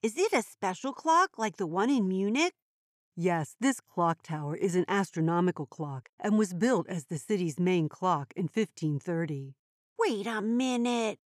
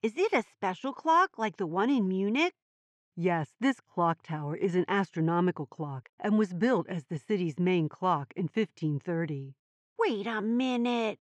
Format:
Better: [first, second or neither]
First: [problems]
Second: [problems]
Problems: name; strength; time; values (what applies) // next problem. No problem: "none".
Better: first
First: none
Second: muffled; slightly; fading above 3 kHz